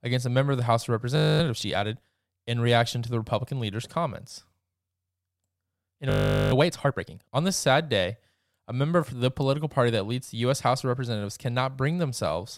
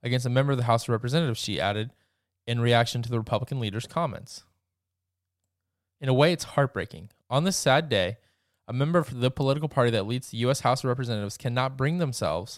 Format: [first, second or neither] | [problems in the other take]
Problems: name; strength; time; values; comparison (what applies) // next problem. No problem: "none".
second | audio freezing; at 1 s and at 6 s